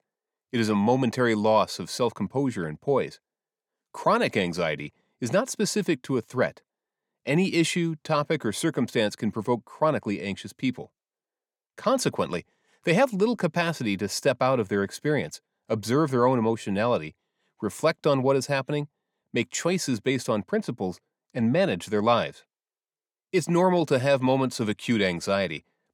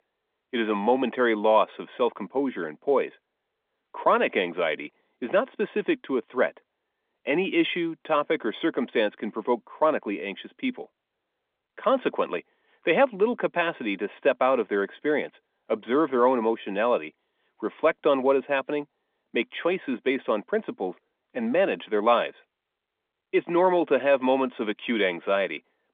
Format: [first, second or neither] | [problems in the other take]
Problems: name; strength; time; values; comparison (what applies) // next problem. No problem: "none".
first | phone-call audio; nothing above 3.5 kHz